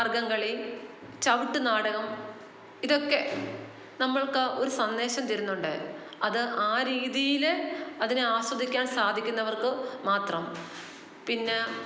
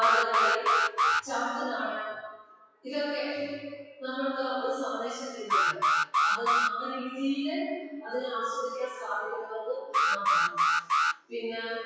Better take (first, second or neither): first